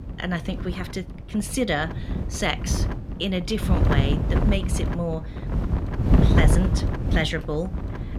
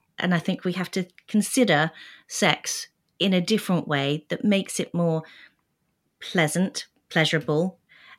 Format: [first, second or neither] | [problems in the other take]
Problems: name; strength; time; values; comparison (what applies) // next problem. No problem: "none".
second | wind noise on the microphone; heavy; 4 dB below the speech